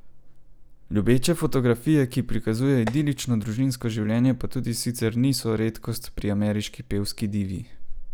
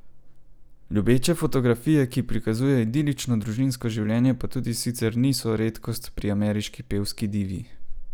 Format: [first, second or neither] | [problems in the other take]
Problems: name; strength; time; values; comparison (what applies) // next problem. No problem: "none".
second | background sound (Tap); 15 dB below the speech